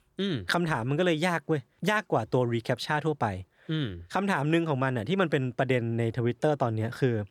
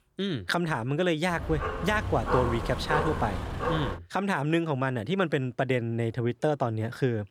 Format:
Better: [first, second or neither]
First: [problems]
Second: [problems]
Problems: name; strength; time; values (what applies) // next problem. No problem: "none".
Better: first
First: none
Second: dog barking; noticeable; from 1.5 to 4 s; peak 1 dB below the speech